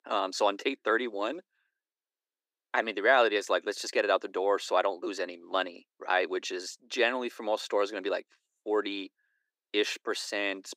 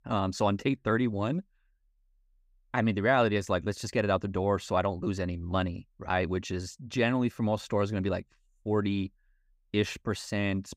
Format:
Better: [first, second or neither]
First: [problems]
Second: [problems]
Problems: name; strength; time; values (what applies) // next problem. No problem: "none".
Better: second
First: thin; very; fading below 300 Hz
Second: none